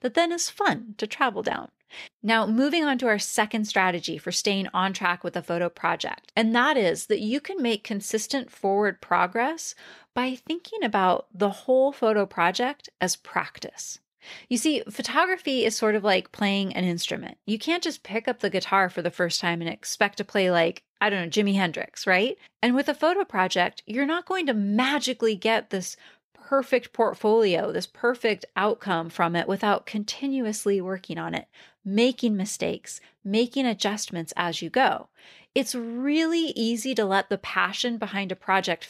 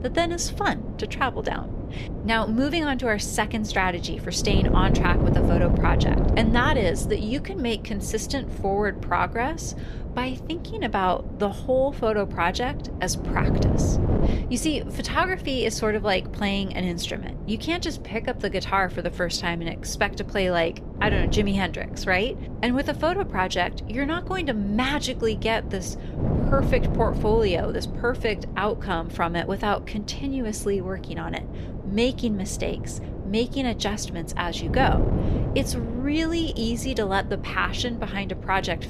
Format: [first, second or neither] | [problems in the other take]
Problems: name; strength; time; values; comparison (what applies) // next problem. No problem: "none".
first | wind noise on the microphone; occasional gusts; 10 dB below the speech